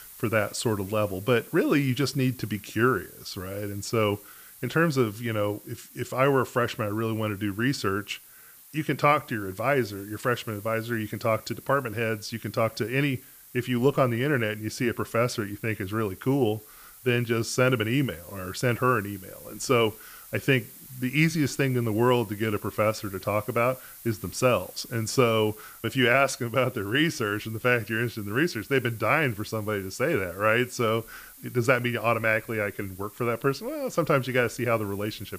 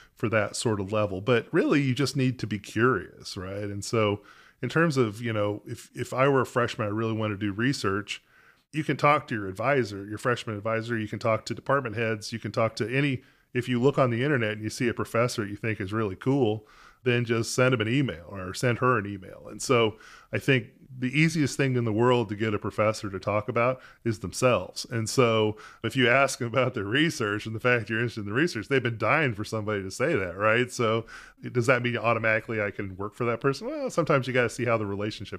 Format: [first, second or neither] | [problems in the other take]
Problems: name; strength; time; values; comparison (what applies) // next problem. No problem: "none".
second | hiss; noticeable; throughout; 20 dB below the speech